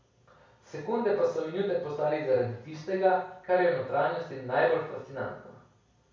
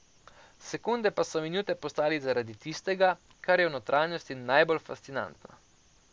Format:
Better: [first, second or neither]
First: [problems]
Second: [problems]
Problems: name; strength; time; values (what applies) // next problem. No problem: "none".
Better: second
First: room echo; dies away in 0.6 s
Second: none